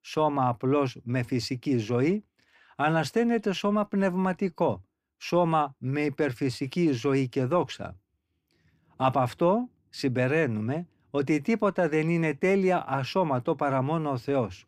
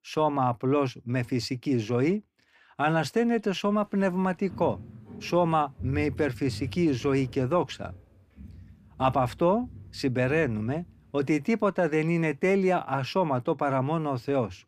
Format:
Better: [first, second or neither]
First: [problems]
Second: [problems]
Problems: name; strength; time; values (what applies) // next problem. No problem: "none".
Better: first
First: none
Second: footsteps; noticeable; from 4.5 to 11 s; peak 9 dB below the speech